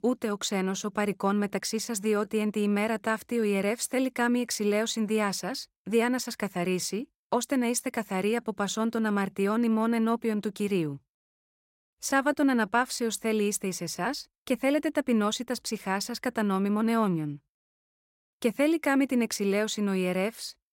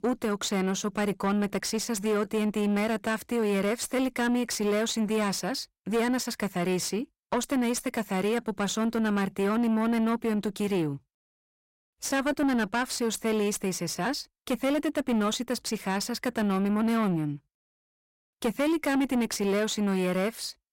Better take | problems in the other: first | distortion; slight; 10 dB below the speech

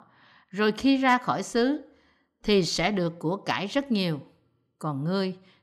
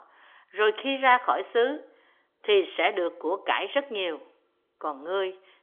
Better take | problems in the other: first | phone-call audio; nothing above 3.5 kHz

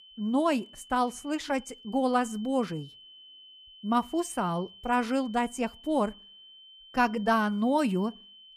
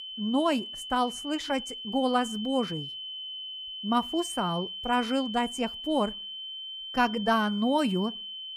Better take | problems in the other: first | high-pitched whine; loud; throughout; 3 kHz, 8 dB below the speech; faint in the first

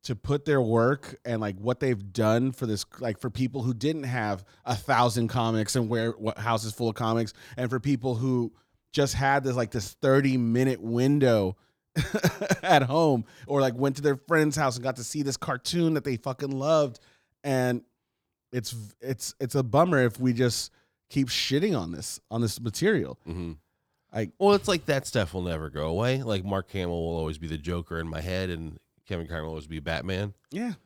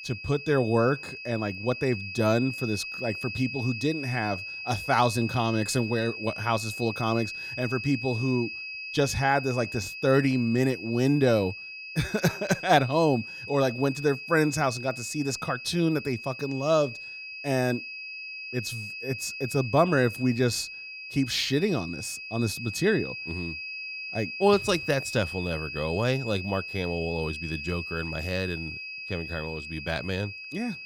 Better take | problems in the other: first | high-pitched whine; loud; throughout; 2.5 kHz, 8 dB below the speech

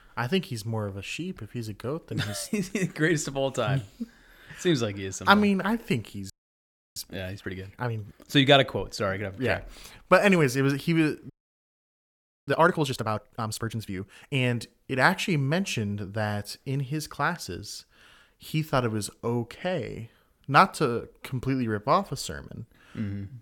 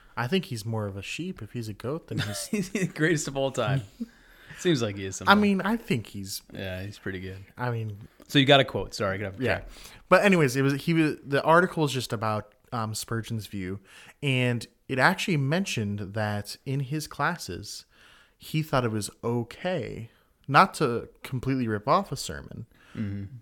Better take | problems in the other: second | audio freezing; at 6.5 s for 0.5 s and at 11 s for 1 s

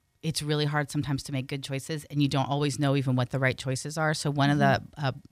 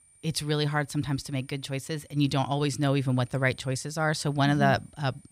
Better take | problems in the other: first | high-pitched whine; faint; throughout; 9 kHz, 30 dB below the speech

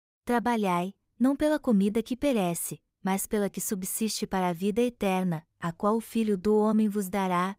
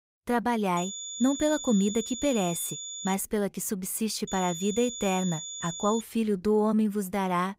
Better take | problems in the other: first | high-pitched whine; loud; from 1 to 3 s and from 4.5 to 6 s; 7 kHz, 8 dB below the speech

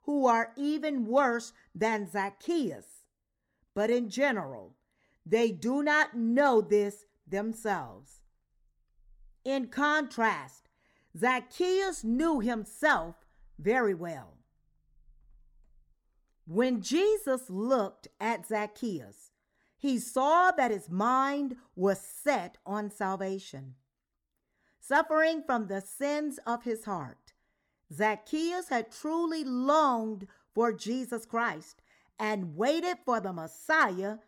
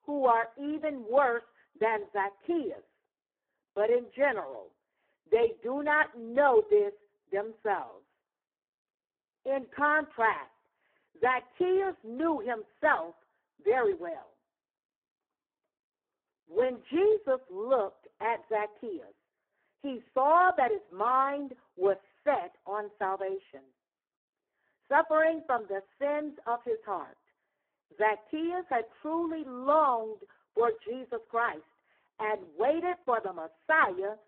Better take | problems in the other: first | phone-call audio; poor line

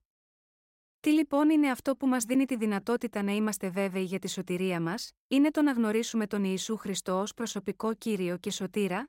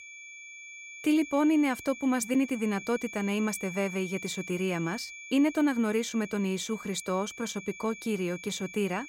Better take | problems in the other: first | high-pitched whine; noticeable; throughout; 2.5 kHz, 10 dB below the speech

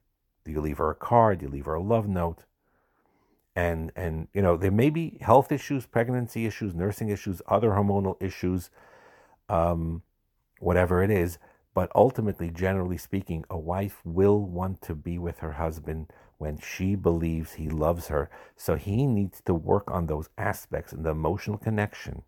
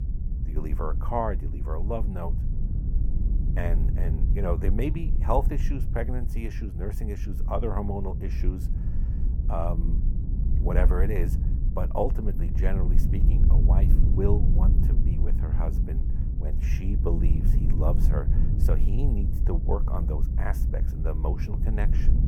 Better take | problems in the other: first | low rumble; loud; throughout; 8 dB below the speech

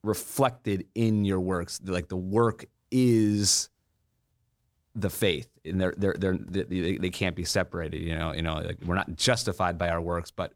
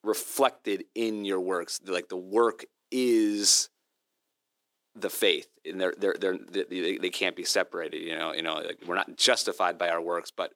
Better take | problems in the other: first | thin; somewhat; fading below 300 Hz

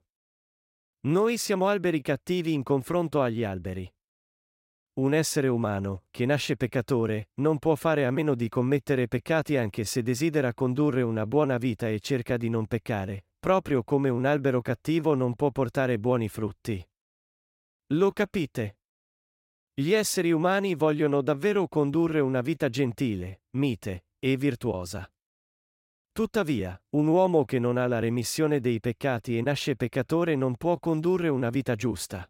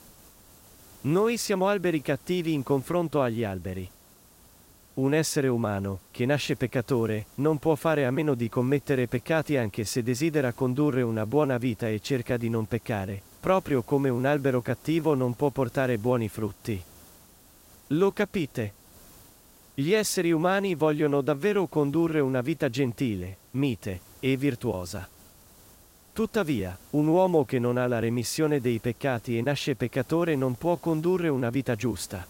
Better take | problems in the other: first | hiss; faint; throughout; 25 dB below the speech

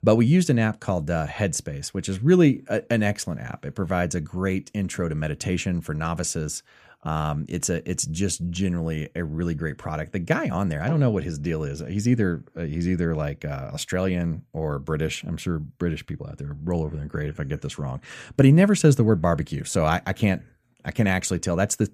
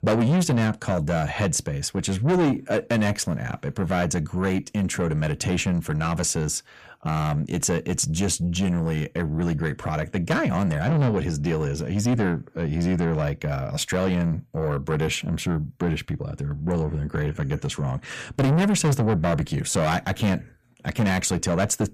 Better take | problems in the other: first | distortion; heavy; 6 dB below the speech

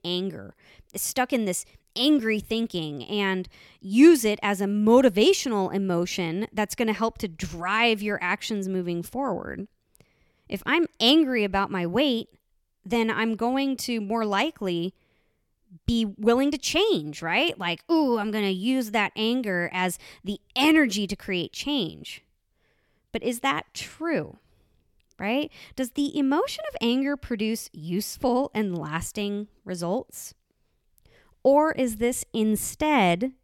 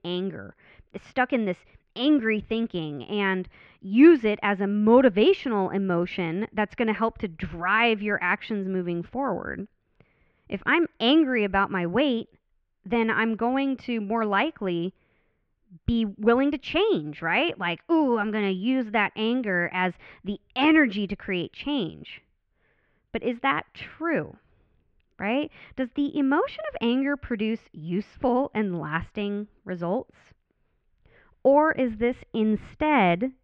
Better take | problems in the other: first | muffled; very; fading above 3 kHz

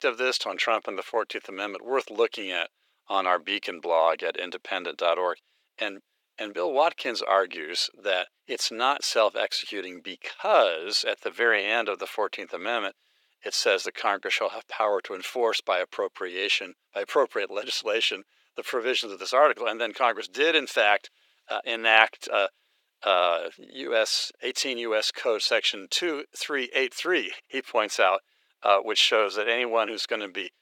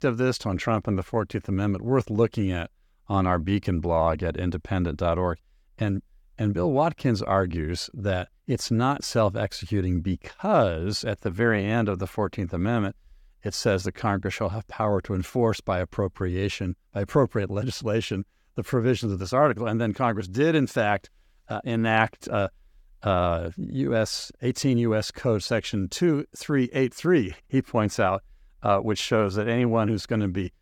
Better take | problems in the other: second | thin; very; fading below 400 Hz

